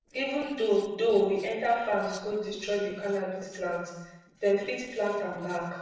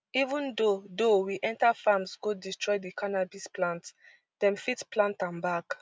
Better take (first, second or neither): second